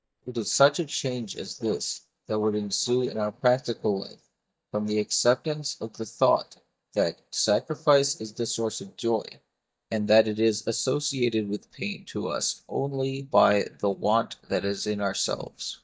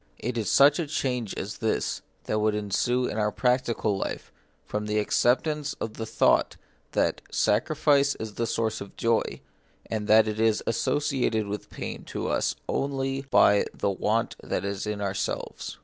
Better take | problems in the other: second | noise reduction (neural mask model DeepFilterNet 3)

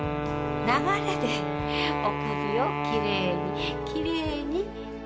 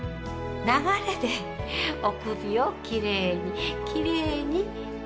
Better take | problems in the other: second | background sound (Wind instrument, woodwind instrument); 2 dB below the speech

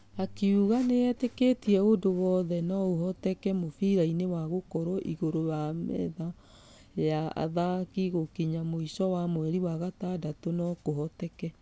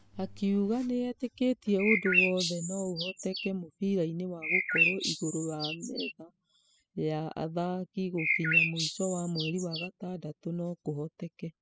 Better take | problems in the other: first | noise reduction (classical method spectral subtraction)

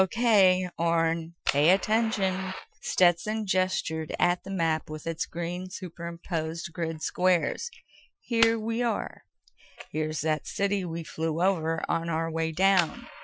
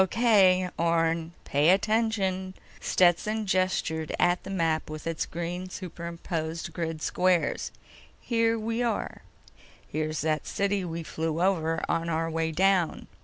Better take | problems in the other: second | noise reduction (classical method Wiener filter)

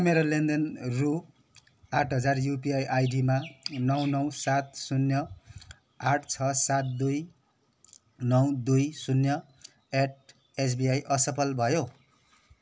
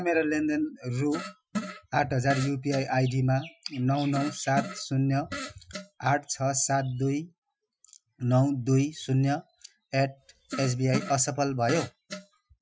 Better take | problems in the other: first | noise reduction (classical method Wiener filter)

